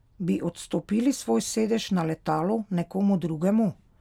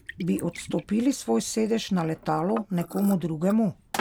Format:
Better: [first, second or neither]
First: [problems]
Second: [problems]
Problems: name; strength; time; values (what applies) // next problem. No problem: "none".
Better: first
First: none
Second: background sound (Liquid); 14 dB below the speech